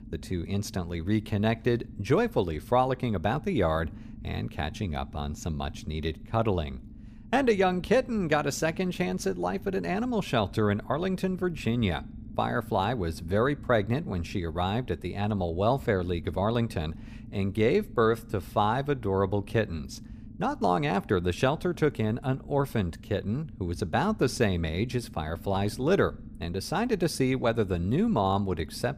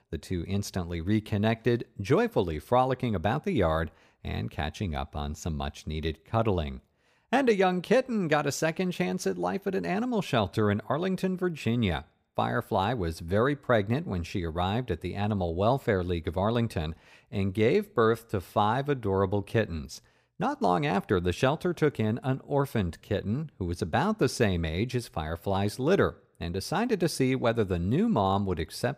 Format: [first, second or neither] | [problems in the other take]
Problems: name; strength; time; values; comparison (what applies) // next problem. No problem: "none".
second | low rumble; faint; throughout; 25 dB below the speech